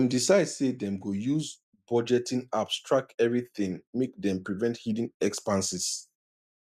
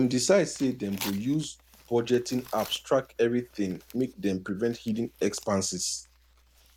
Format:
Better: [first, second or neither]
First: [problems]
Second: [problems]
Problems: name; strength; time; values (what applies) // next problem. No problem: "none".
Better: first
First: none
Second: background sound (Tearing); 20 dB below the speech